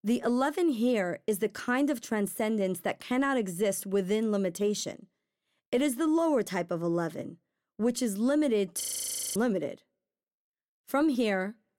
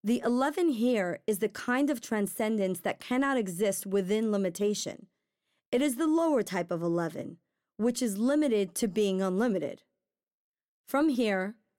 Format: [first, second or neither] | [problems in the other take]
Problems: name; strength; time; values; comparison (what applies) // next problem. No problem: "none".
second | audio freezing; at 9 s for 0.5 s